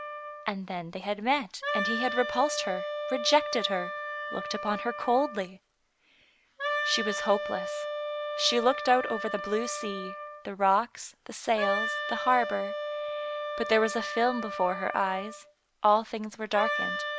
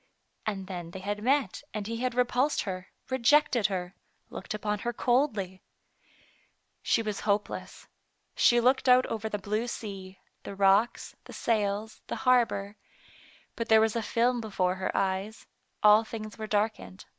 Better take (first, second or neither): second